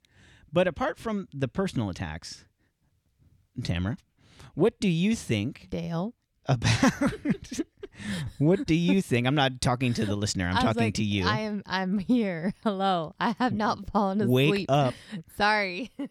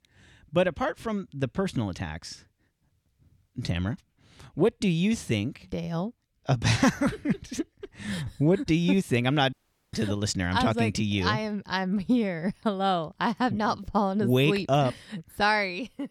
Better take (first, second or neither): first